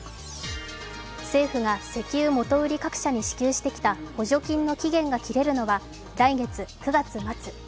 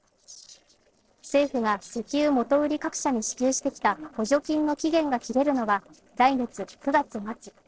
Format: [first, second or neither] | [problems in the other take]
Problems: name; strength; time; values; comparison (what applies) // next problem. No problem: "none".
first | noise reduction (neural separator model SepFormer DNS4)